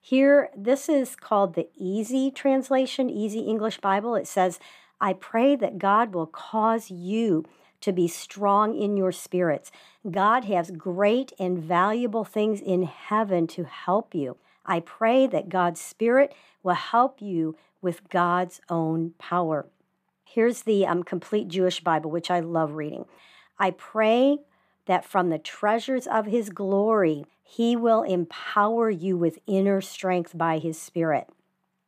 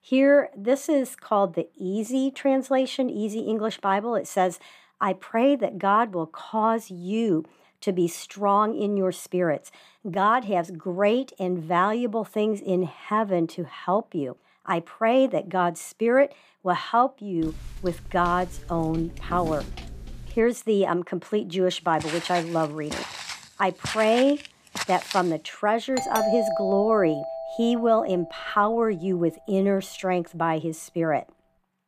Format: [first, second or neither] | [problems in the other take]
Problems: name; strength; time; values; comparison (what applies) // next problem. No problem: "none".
first | footsteps; faint; from 17 to 20 s; peak 10 dB below the speech // footsteps; noticeable; from 22 to 25 s; peak 5 dB below the speech // doorbell; loud; from 26 to 28 s; peak 1 dB above the speech